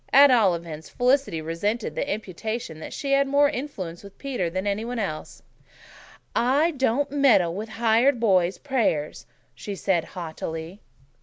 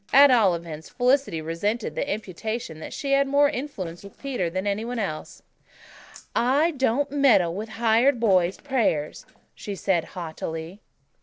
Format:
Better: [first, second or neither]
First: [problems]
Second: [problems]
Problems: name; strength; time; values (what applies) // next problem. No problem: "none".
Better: first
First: none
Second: noise reduction (neural separator model SepFormer DNS4)